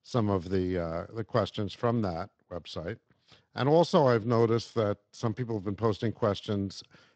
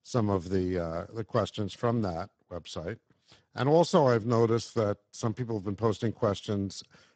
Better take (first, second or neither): first